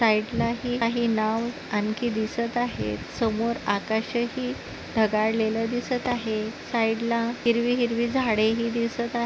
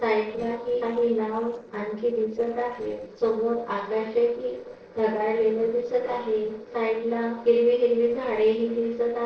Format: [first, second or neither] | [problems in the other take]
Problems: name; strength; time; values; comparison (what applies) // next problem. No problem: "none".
first | noise reduction (neural separator model SepFormer DNS4)